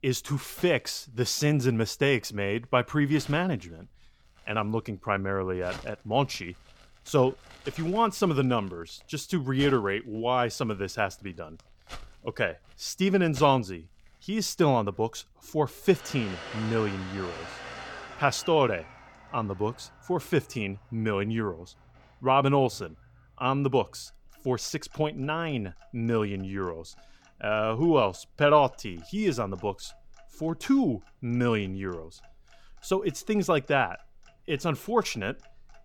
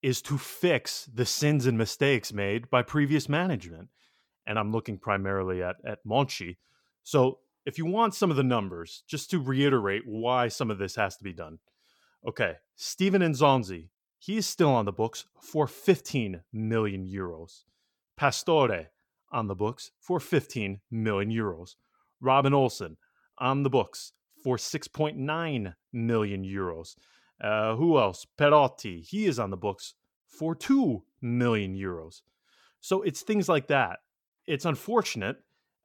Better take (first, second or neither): second